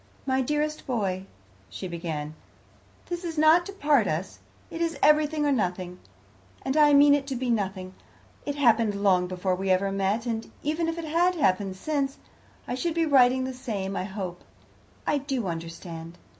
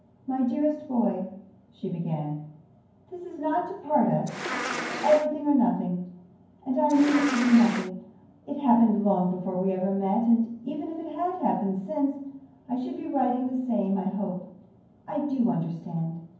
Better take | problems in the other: first | background sound (Insect); 5 dB below the speech // room echo; dies away in 0.9 s

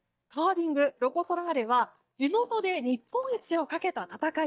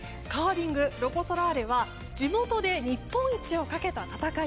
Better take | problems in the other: second | noise reduction (neural mask model DeepFilterNet 3)

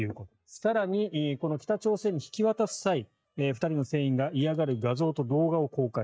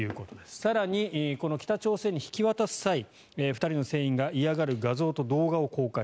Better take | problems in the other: second | noise reduction (neural mask model DeepFilterNet 3)

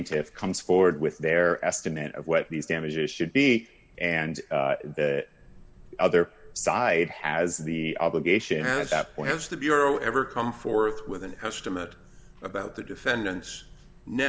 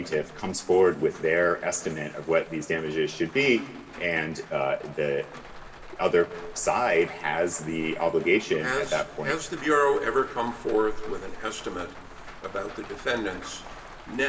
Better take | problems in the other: first | background sound (Rain); 19 dB below the speech // room echo; dies away in 2.9 s

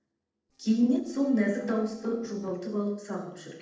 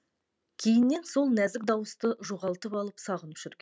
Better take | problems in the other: second | noise reduction (neural separator model SepFormer DNS4)

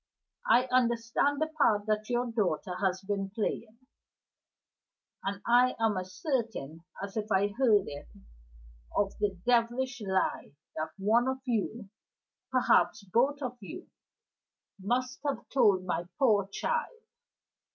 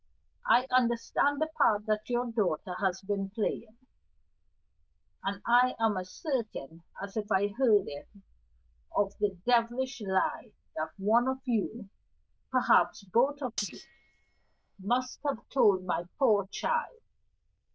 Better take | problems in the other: first | noise reduction (neural diffusion model UNIVERSE++)

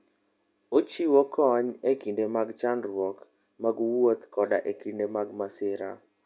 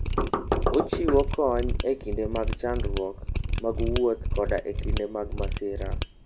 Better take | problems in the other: first | background sound (Knock + Mechanisms); 1 dB above the speech

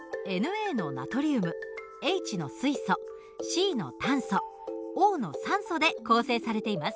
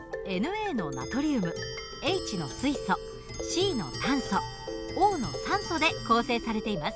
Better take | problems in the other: first | background sound (Clock); 11 dB below the speech

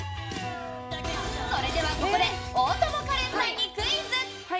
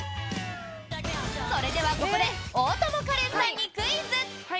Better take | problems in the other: second | background sound (Wind instrument, woodwind instrument); 13 dB below the speech // room echo; dies away in 1.3 s

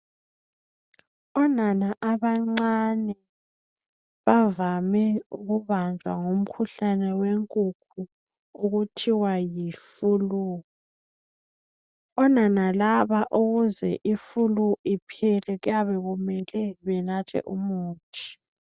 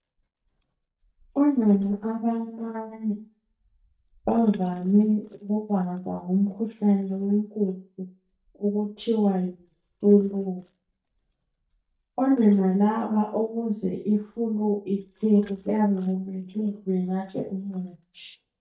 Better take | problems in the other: first | noise reduction (neural mask model DeepFilterNet 3)

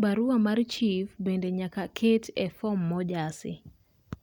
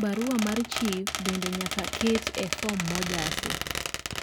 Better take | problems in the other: first | background sound (Squeak); 2 dB below the speech

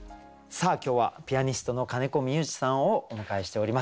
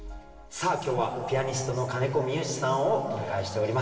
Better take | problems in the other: first | room echo; dies away in 2.8 s

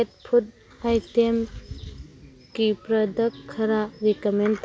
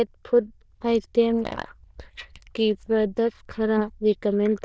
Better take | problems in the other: first | noise reduction (neural diffusion model UNIVERSE++)

